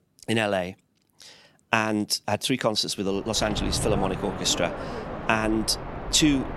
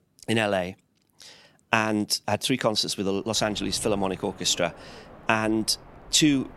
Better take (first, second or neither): second